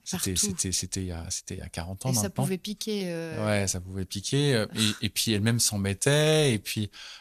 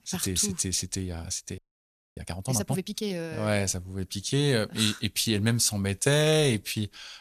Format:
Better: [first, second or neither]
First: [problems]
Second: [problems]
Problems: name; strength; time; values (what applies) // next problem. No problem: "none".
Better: first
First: none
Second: audio freezing; at 1.5 s for 0.5 s